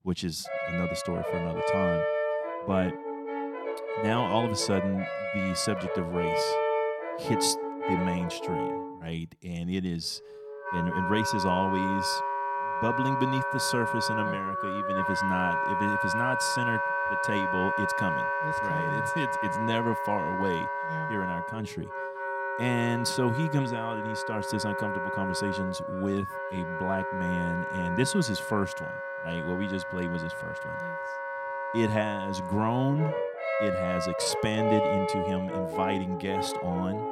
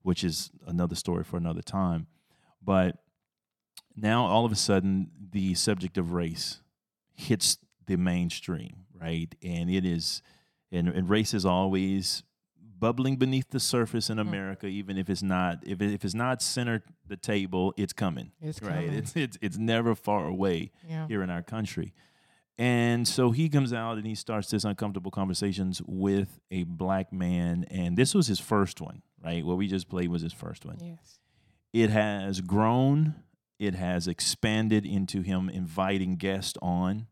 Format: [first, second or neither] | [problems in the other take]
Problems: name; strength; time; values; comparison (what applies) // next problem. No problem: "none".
second | background music; very loud; throughout; as loud as the speech